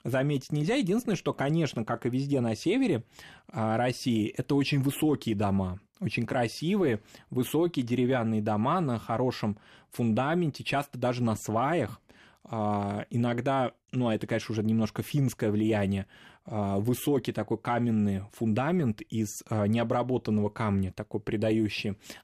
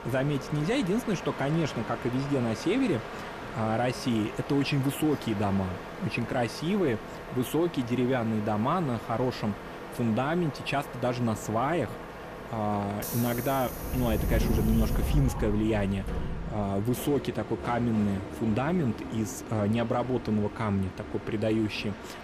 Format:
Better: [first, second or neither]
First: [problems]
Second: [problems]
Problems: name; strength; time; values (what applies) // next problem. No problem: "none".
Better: first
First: none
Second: train or aircraft noise; loud; throughout; 8 dB below the speech